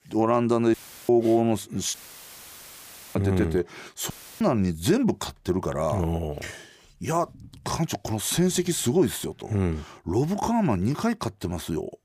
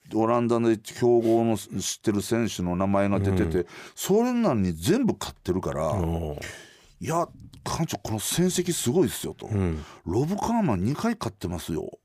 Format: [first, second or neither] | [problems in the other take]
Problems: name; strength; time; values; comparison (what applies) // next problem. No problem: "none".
second | audio cutting out; filled with static; at 0.5 s, at 2 s for 1 s and at 4 s